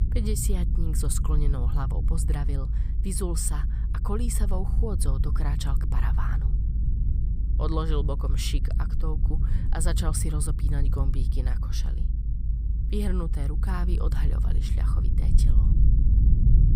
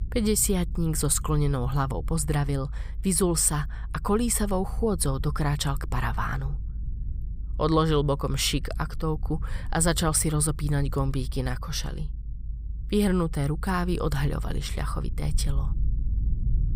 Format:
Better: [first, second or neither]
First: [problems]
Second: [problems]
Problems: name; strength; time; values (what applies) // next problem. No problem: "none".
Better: second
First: low rumble; loud; throughout; 7 dB below the speech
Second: low rumble; faint; throughout; 25 dB below the speech